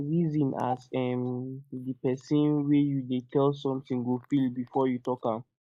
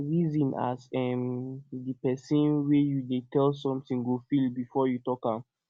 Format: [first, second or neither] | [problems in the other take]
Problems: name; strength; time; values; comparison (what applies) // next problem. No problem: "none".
second | noise reduction (neural mask model Resemble Enhance denoiser)